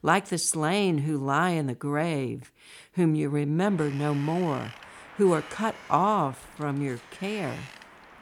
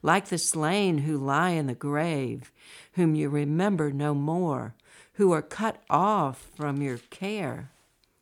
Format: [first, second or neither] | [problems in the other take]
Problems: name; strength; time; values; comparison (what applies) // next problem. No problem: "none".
second | wind noise on the microphone; occasional gusts; from 3.5 s on; 15 dB below the speech